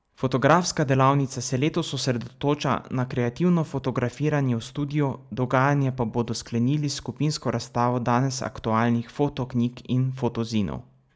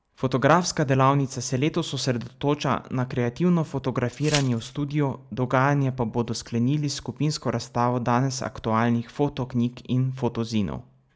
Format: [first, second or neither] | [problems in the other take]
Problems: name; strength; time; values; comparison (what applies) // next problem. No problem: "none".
first | background sound (Glass); 11 dB below the speech